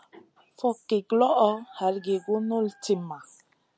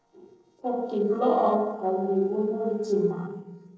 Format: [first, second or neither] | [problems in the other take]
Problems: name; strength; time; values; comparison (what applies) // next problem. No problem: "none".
first | noise reduction (neural separator model SepFormer DNS4)